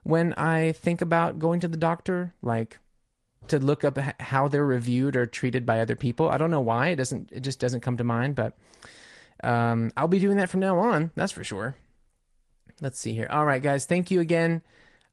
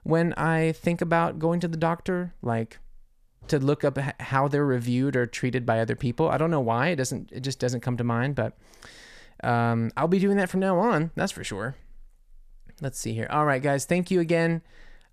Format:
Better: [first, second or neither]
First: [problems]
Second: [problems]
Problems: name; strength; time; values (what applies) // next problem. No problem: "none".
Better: second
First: garbled, watery; slightly; nothing above 10.5 kHz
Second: none